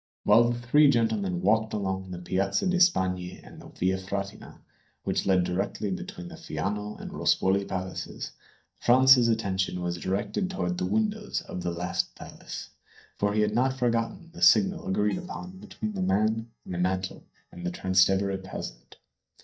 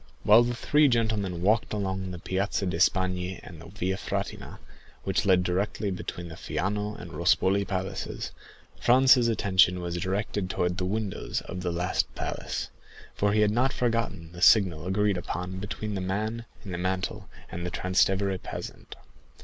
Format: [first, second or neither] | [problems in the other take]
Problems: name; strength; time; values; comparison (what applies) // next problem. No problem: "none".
second | noise reduction (neural mask model DeepFilterNet 3)